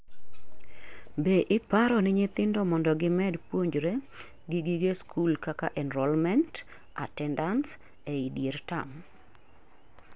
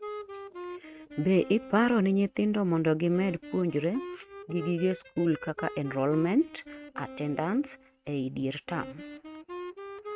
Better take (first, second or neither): first